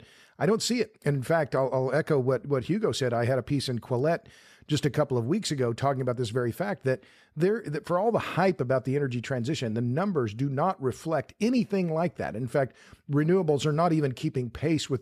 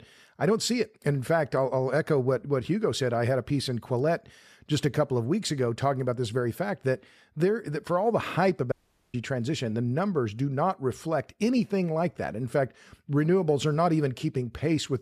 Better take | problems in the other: first | audio cutting out; at 8.5 s

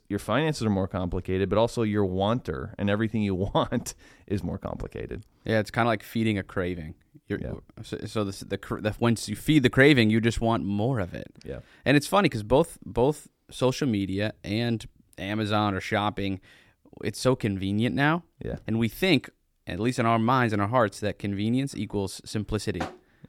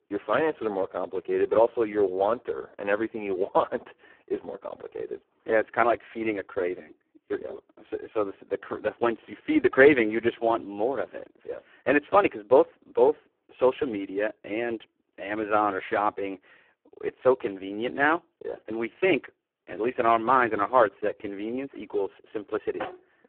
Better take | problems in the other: first | phone-call audio; poor line

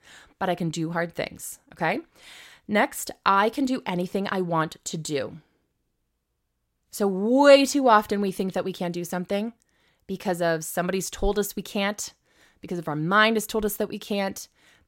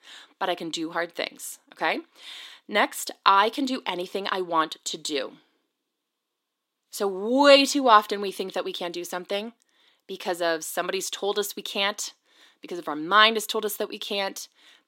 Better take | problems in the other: first | thin; very slightly; fading below 250 Hz

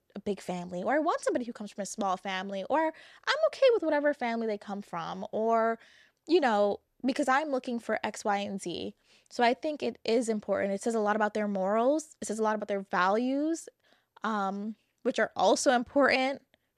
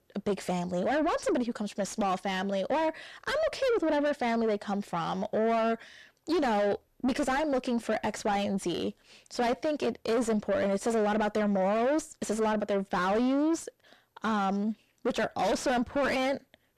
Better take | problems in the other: first | distortion; heavy; 6 dB below the speech

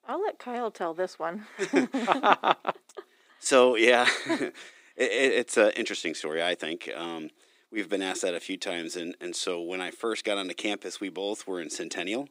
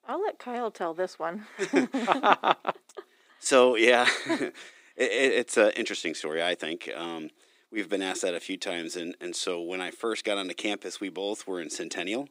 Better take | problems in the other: neither | thin; somewhat; fading below 300 Hz; the same in both

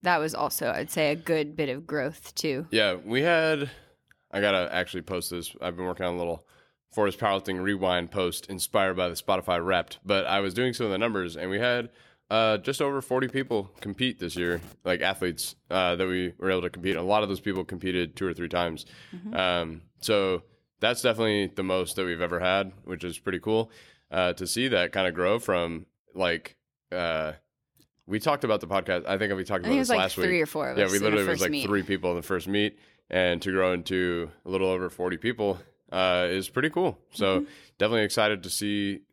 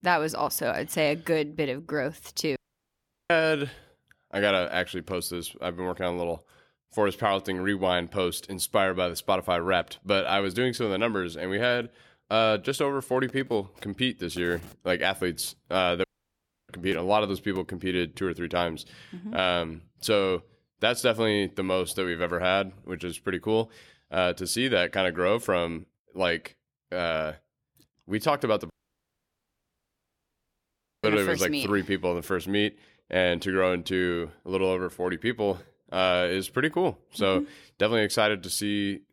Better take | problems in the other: first | audio cutting out; at 2.5 s for 0.5 s, at 16 s for 0.5 s and at 29 s for 2.5 s

